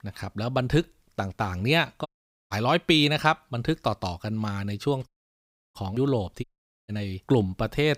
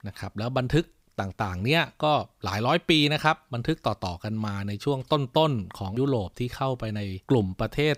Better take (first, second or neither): second